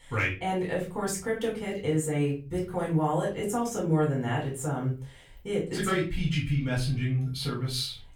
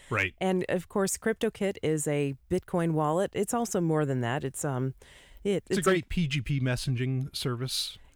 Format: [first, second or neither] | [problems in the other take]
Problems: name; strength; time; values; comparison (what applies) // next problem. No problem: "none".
second | off-mic speech; far // room echo; slight; dies away in 0.3 s